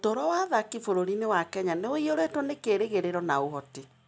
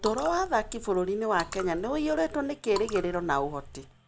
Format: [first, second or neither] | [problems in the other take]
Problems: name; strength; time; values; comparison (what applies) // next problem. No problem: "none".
first | background sound (Raindrop / Drip); 13 dB below the speech